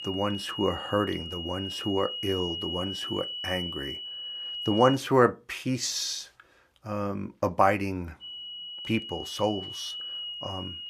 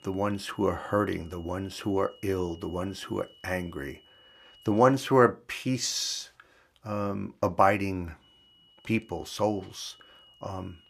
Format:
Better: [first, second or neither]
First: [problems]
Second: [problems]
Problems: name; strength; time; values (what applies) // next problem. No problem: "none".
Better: second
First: high-pitched whine; loud; until 5 s and from 8 s on; 3 kHz, 6 dB below the speech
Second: high-pitched whine; faint; until 5 s and from 8 s on; 3 kHz, 25 dB below the speech